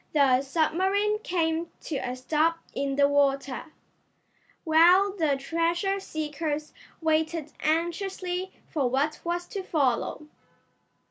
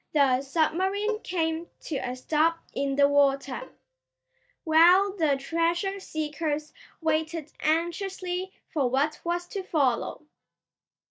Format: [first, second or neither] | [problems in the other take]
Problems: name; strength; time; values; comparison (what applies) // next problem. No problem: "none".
first | noise reduction (neural mask model DeepFilterNet 3)